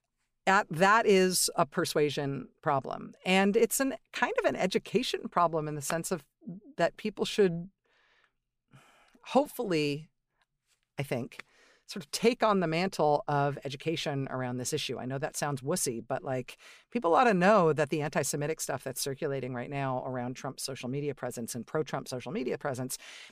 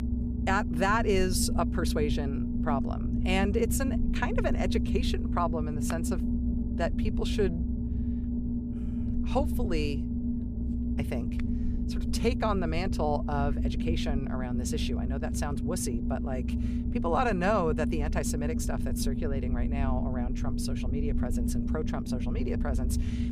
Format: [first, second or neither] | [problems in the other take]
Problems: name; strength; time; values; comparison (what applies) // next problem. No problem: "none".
first | low rumble; loud; throughout; 6 dB below the speech